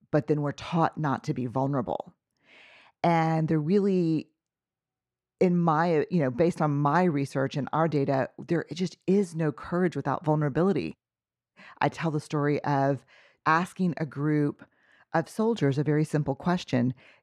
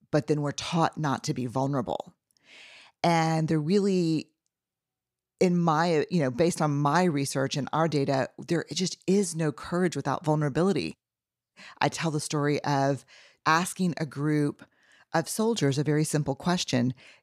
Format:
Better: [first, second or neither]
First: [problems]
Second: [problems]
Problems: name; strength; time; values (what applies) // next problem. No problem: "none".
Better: second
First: muffled; slightly; fading above 3.5 kHz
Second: none